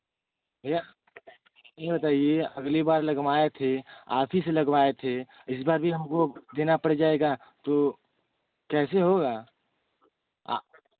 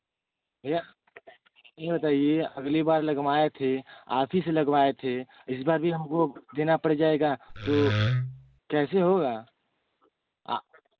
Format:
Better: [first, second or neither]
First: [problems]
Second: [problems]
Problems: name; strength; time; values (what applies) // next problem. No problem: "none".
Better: first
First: none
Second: background sound (Wood); 1 dB below the speech